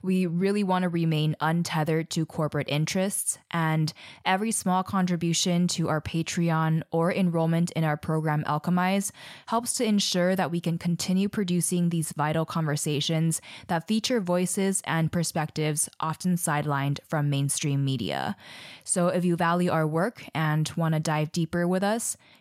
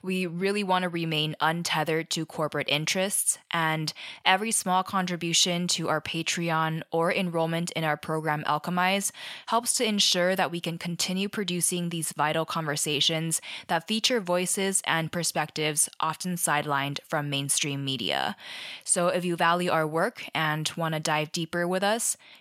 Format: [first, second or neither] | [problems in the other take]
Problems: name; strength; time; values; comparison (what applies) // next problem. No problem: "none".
first | thin; very slightly; fading below 450 Hz